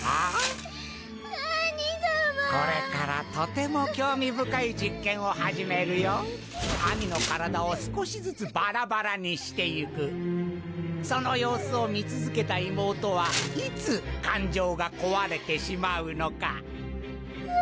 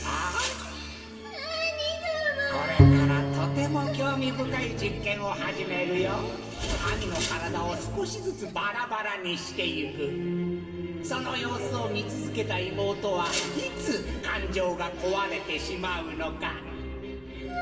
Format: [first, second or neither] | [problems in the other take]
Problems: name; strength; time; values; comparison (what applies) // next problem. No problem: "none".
first | background sound (Bowed string instrument); 5 dB above the speech // room echo; dies away in 2 s